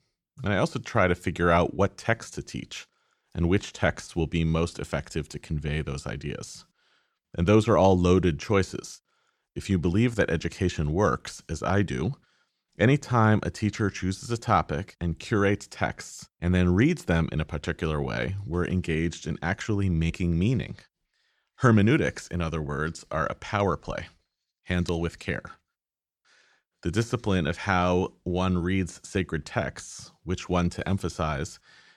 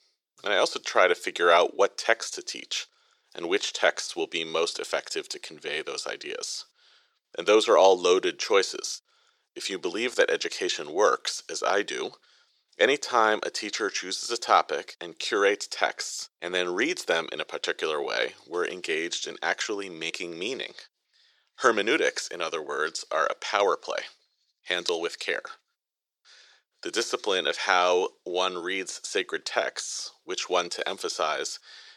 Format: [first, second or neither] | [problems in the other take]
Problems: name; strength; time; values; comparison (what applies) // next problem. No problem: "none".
first | thin; very; fading below 400 Hz